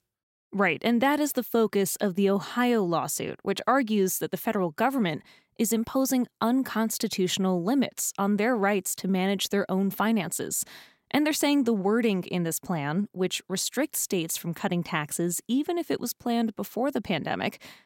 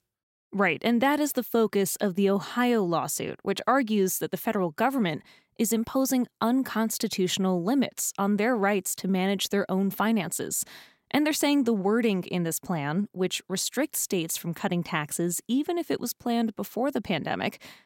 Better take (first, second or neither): neither